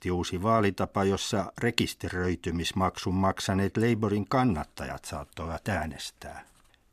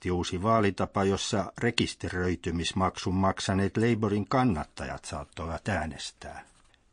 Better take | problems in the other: first | garbled, watery; slightly; nothing above 9 kHz

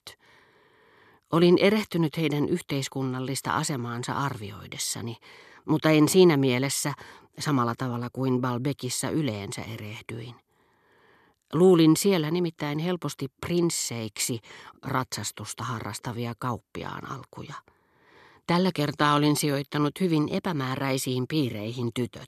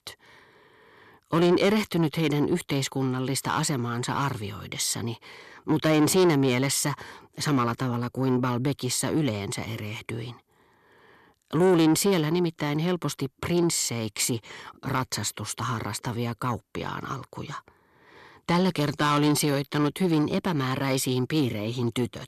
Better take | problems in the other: first | distortion; slight; 10 dB below the speech

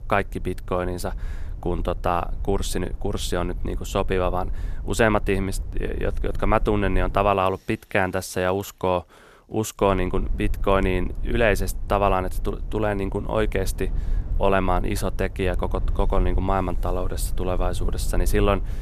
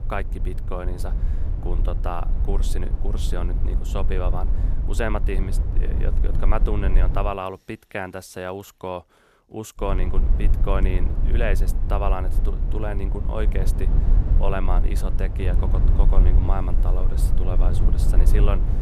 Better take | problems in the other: first | low rumble; loud; until 7.5 s and from 10 s on; 9 dB below the speech; faint in the first

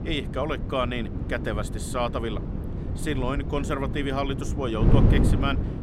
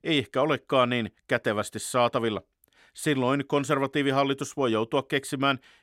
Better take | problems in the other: second | wind noise on the microphone; heavy; 6 dB below the speech

